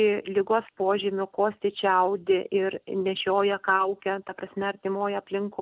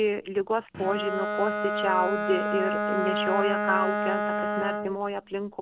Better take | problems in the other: first | background sound (Bowed string instrument); 1 dB below the speech

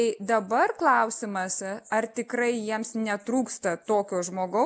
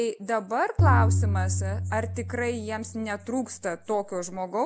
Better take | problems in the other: first | background sound (Tabla); 2 dB above the speech

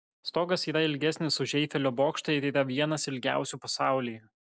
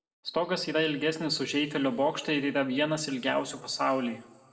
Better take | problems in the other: first | room echo; dies away in 1 s

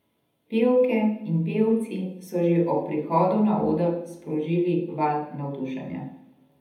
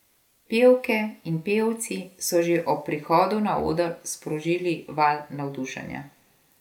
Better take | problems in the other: second | room echo; dies away in 0.8 s

